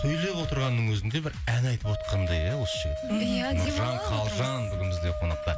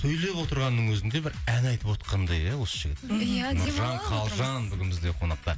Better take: second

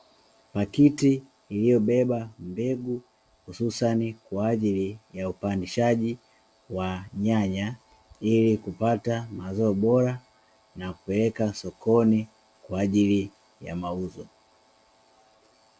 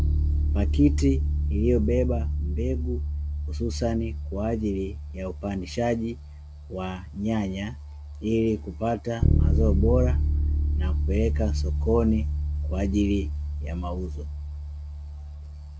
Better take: first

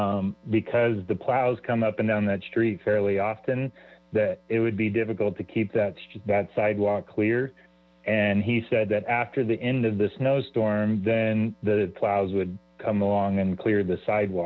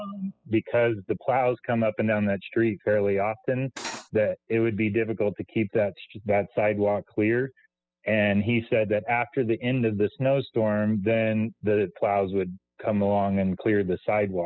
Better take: first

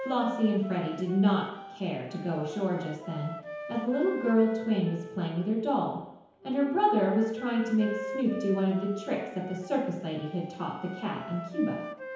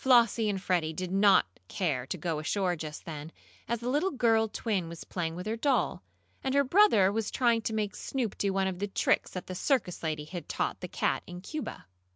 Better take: second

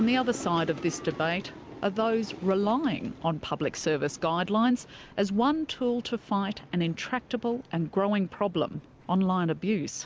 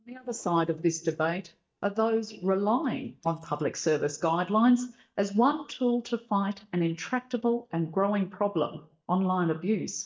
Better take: first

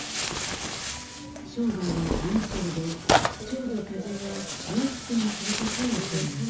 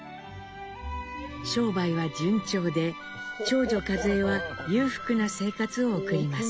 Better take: second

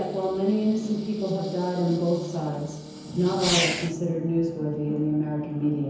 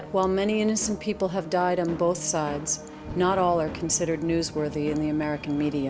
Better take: second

